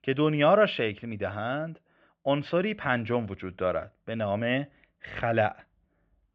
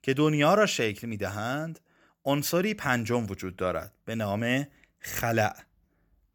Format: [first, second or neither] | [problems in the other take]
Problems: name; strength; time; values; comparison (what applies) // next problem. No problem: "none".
second | muffled; very; fading above 3.5 kHz